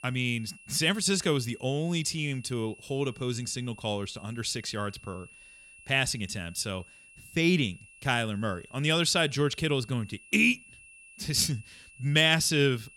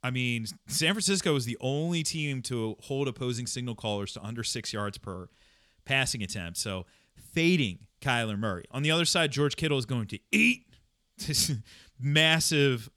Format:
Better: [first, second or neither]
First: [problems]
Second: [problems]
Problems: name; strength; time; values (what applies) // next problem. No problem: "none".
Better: second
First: high-pitched whine; faint; throughout; 2.5 kHz, 25 dB below the speech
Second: none